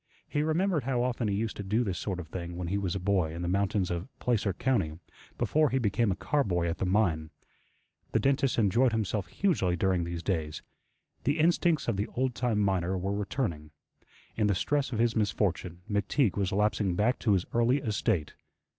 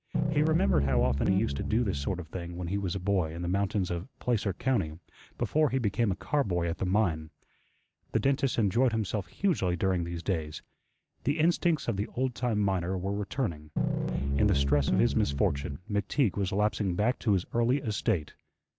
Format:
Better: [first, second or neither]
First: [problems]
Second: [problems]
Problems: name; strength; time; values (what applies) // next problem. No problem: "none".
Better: first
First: none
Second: background sound (Piano); as loud as the speech